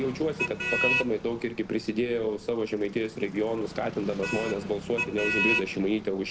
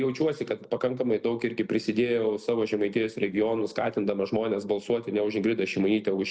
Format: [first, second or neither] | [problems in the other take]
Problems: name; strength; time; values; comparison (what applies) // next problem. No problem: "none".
second | background sound (Motor vehicle (road)); 4 dB below the speech